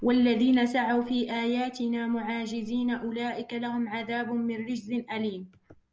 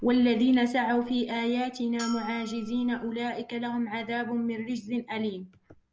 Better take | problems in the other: first | background sound (Bell); 17 dB below the speech

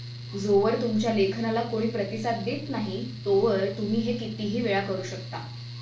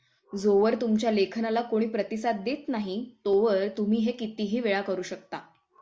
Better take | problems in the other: second | background sound (Mechanical fan); 11 dB below the speech // room echo; dies away in 0.3 s

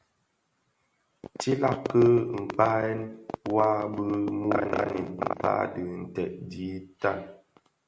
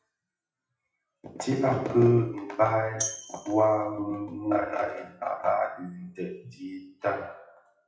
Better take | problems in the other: first | noise reduction (classical method WPE with log-MMSE)

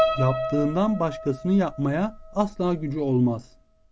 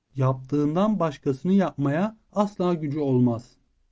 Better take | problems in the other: second | background sound (Piano); 6 dB below the speech

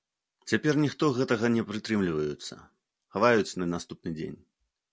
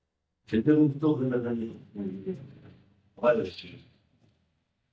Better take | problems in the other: first | noise reduction (neural mask model DeepFilterNet 3)

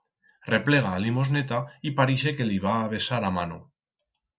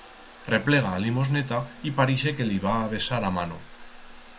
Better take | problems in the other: first | background sound (Trickle, dribble / Bathtub (filling or washing) / Water tap, faucet); 16 dB below the speech

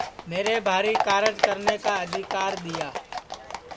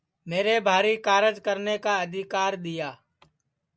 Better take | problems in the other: second | background sound (Livestock, farm animals, working animals); 3 dB below the speech

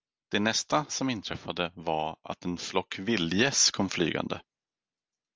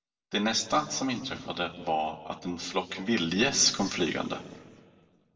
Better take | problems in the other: first | room echo; dies away in 1.5 s

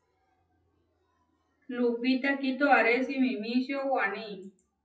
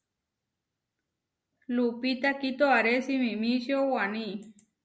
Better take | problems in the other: second | noise reduction (classical method WPE with log-MMSE)

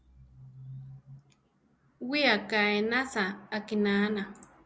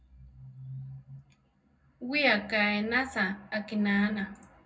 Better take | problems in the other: first | room echo; dies away in 0.3 s

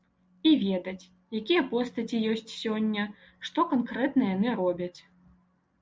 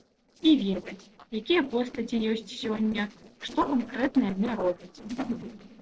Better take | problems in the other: first | noise reduction (neural separator model SepFormer DNS4)

